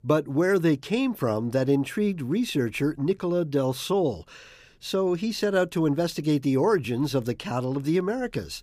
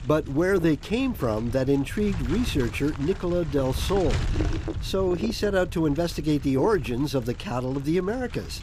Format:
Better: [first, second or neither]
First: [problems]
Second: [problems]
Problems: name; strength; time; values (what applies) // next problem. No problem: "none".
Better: first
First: none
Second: wind noise on the microphone; occasional gusts; 10 dB below the speech